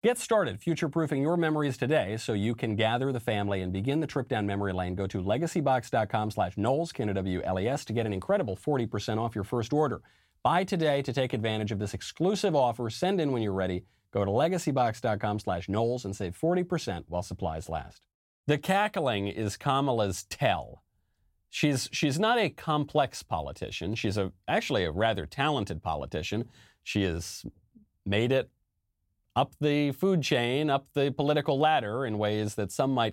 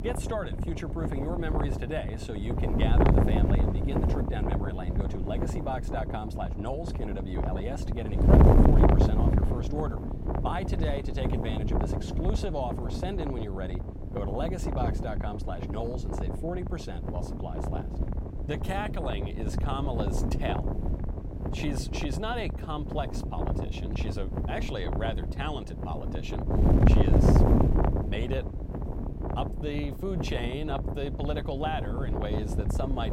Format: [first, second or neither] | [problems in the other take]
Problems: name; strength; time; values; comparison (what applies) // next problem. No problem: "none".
first | wind noise on the microphone; heavy; 1 dB above the speech